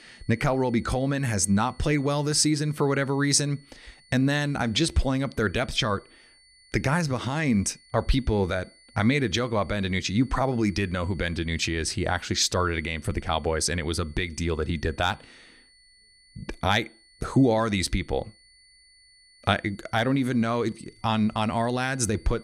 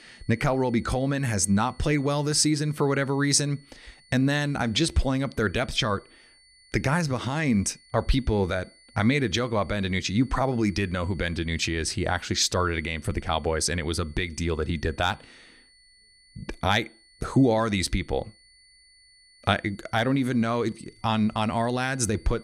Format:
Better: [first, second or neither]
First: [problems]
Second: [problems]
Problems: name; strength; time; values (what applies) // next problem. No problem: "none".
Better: neither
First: high-pitched whine; faint; throughout; 4.5 kHz, 30 dB below the speech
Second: high-pitched whine; faint; throughout; 4.5 kHz, 30 dB below the speech